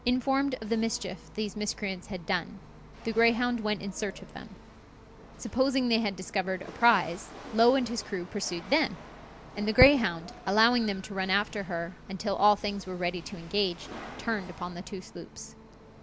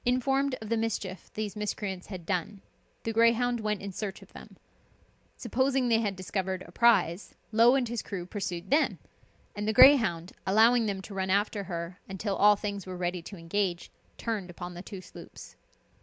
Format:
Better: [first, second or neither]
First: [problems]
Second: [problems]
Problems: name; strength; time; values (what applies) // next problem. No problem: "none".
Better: second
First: background sound (Rattle / Chatter / Hiss / Engine / Mechanisms); 17 dB below the speech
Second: none